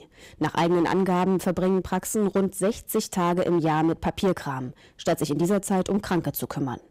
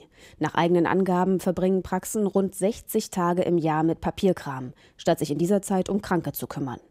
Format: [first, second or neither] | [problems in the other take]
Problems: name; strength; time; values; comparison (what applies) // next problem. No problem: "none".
second | distortion; slight; 10% of the sound clipped